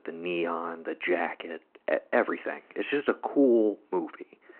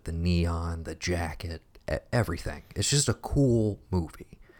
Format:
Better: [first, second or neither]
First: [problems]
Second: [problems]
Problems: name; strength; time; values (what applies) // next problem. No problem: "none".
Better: second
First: phone-call audio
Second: none